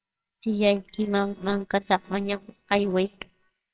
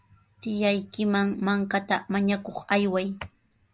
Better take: second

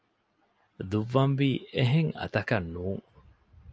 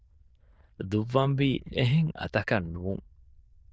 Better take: first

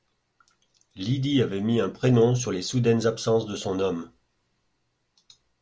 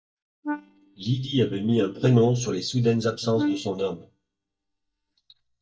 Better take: first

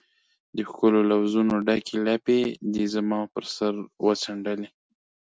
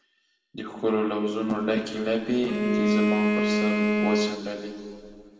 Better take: first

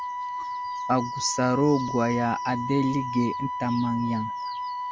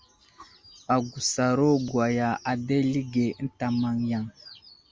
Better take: second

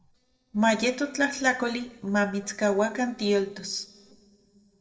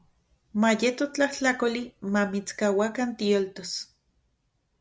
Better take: second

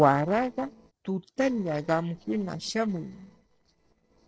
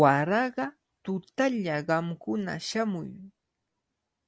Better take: second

